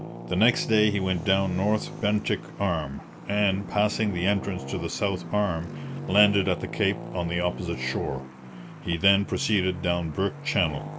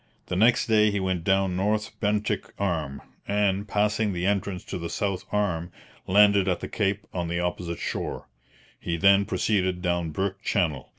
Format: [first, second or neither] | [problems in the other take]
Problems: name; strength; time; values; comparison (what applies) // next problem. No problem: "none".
second | background sound (Traffic noise, roadway noise); 10 dB below the speech